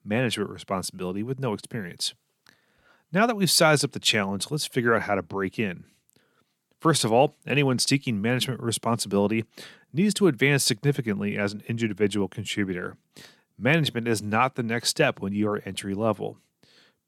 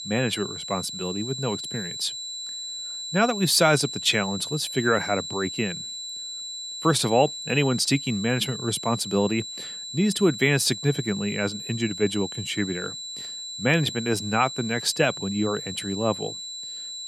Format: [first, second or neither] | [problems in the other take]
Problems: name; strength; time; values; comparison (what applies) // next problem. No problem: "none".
first | high-pitched whine; loud; throughout; 4 kHz, 8 dB below the speech